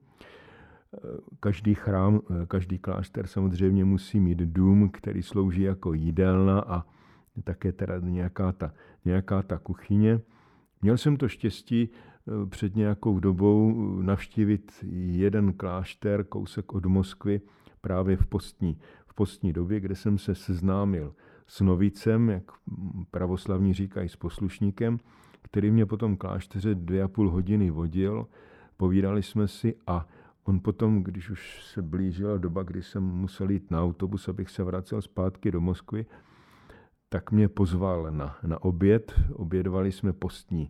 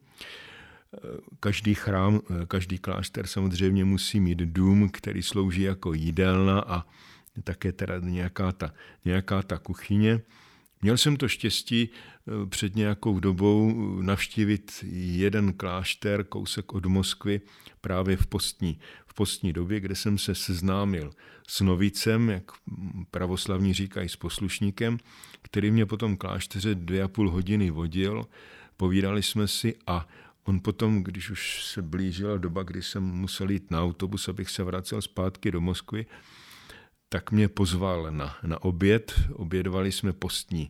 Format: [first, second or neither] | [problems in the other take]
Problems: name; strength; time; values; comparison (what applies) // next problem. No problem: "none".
second | muffled; slightly; fading above 2 kHz